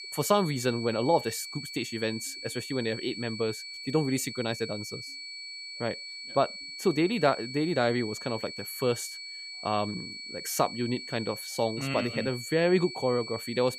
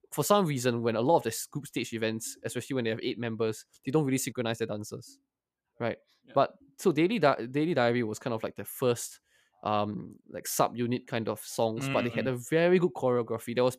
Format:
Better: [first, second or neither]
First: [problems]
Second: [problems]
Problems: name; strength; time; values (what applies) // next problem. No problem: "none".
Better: second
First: high-pitched whine; loud; throughout; 4.5 kHz, 9 dB below the speech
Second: none